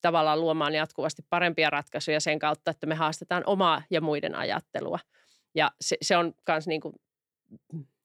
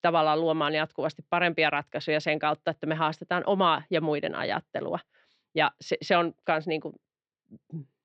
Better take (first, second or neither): first